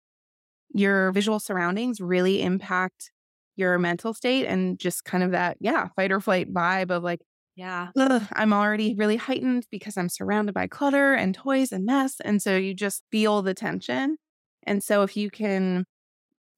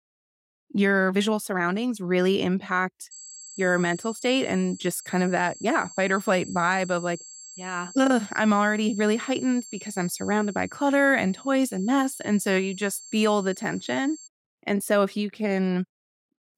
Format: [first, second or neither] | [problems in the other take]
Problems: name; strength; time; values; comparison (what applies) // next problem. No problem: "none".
first | high-pitched whine; noticeable; from 3 to 14 s; 7.5 kHz, 15 dB below the speech